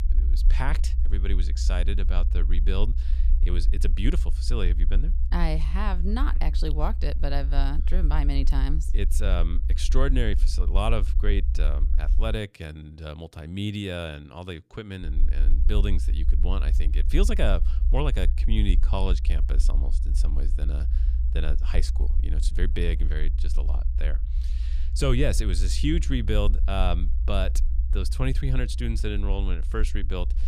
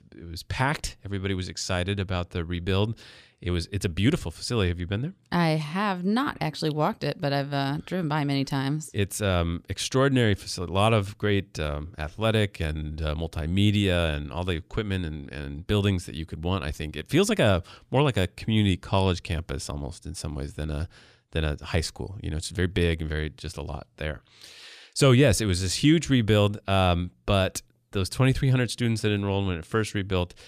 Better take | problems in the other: second | low rumble; noticeable; until 12 s and from 15 s on; 15 dB below the speech

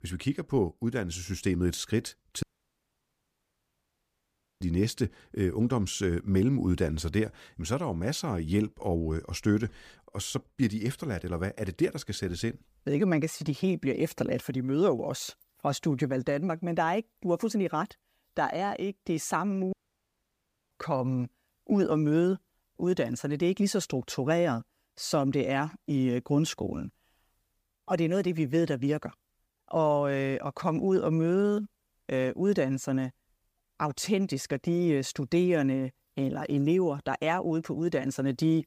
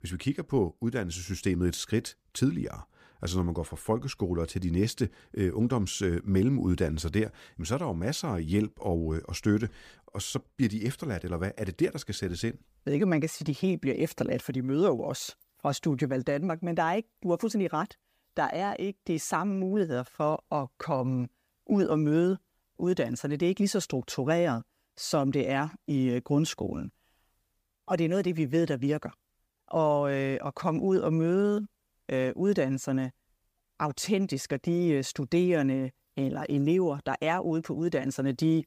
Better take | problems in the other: second | audio cutting out; at 2.5 s for 2 s and at 20 s for 1 s

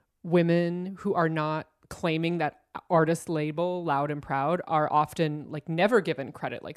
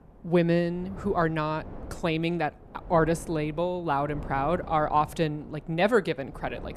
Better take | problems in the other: first | wind noise on the microphone; occasional gusts; 20 dB below the speech

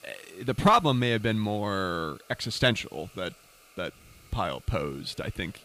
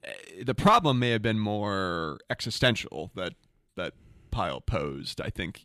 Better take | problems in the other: second | hiss; faint; throughout; 25 dB below the speech

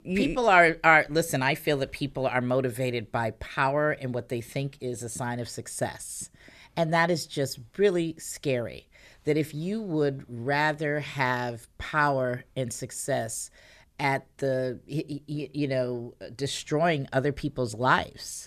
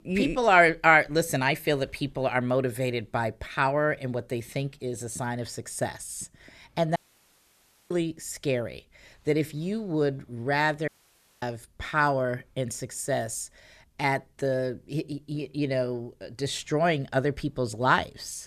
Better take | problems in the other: first | audio cutting out; at 7 s for 1 s and at 11 s for 0.5 s

